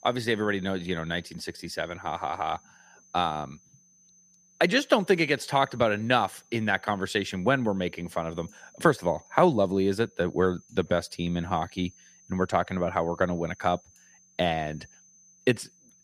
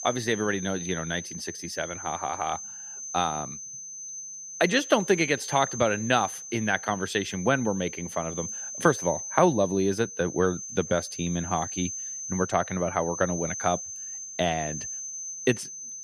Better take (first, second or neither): first